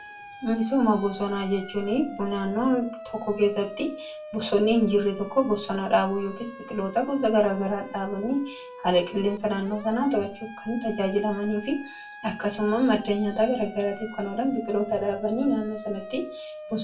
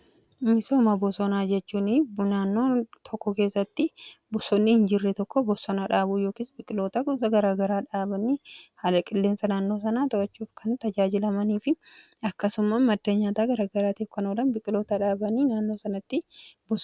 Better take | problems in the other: second | background sound (Siren); 15 dB below the speech // room echo; dies away in 0.3 s

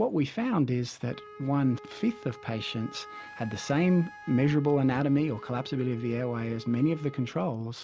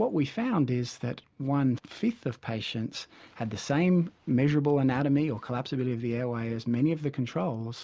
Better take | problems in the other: second | background sound (Wind instrument, woodwind instrument); 19 dB below the speech

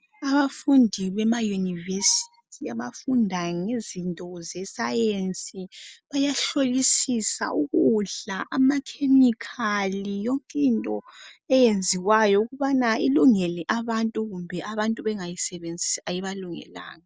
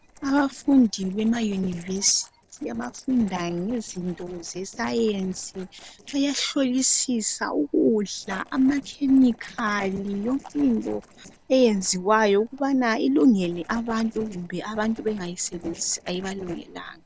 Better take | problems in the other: first | noise reduction (neural separator model SepFormer DNS4)

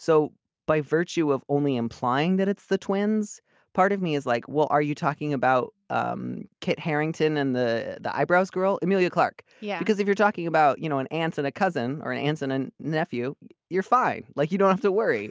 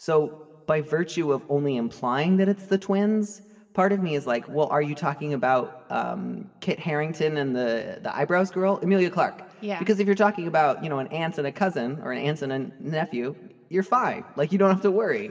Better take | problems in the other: first | room echo; dies away in 1.2 s

